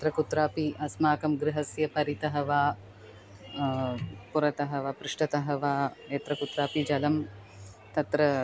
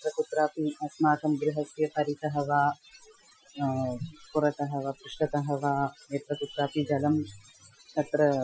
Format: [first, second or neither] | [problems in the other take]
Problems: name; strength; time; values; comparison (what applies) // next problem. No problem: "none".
first | noise reduction (classical method Wiener filter)